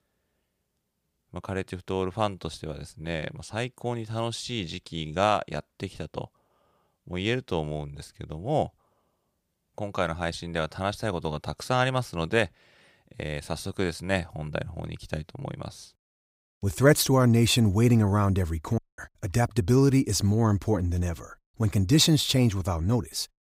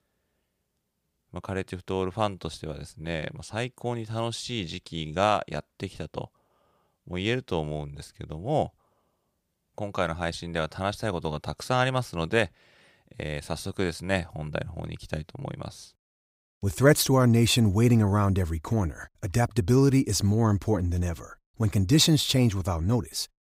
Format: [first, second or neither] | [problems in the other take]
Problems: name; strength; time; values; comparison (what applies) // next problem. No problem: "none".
second | audio cutting out; at 19 s